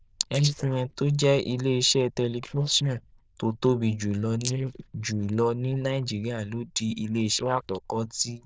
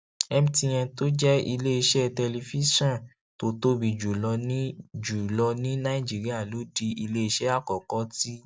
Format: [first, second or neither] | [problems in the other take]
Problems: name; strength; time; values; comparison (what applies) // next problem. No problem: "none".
second | noise reduction (neural diffusion model UNIVERSE++)